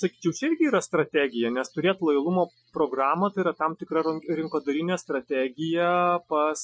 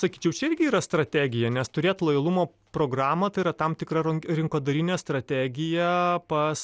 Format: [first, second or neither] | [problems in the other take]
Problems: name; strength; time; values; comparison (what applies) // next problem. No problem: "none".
second | noise reduction (classical method Wiener filter)